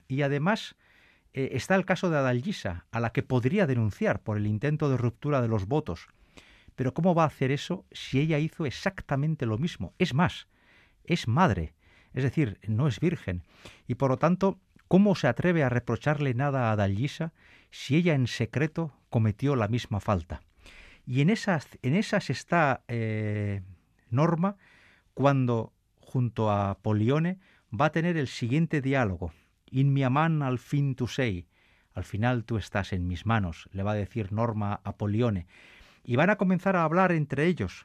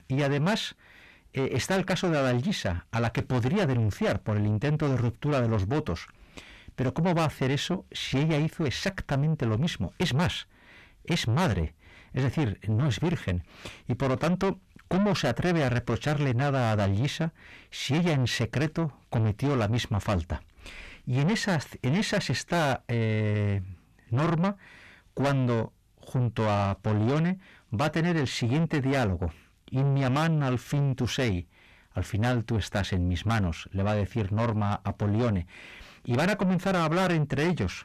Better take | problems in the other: first | distortion; heavy; 7 dB below the speech

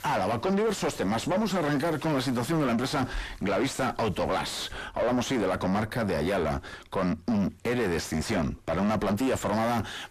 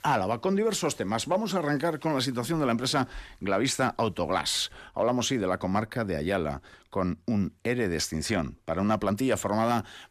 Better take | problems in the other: second | distortion; heavy; 5 dB below the speech

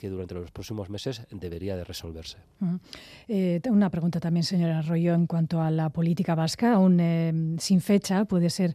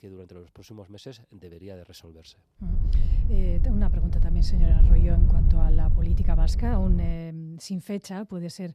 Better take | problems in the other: first | wind noise on the microphone; heavy; from 2.5 to 7 s; 3 dB below the speech

